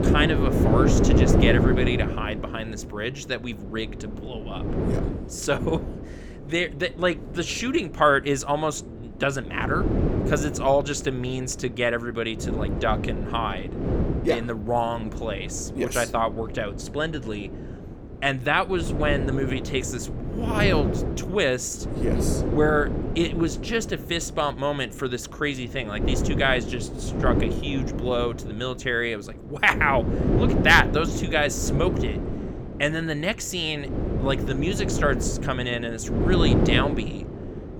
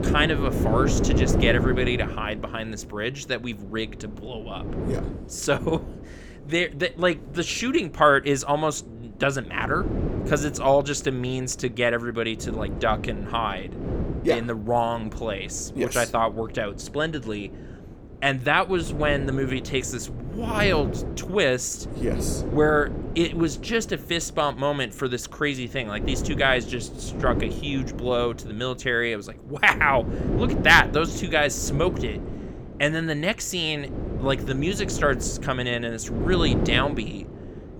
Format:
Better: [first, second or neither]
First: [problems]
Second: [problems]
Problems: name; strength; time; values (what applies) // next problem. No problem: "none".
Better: second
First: wind noise on the microphone; heavy; 7 dB below the speech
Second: wind noise on the microphone; occasional gusts; 10 dB below the speech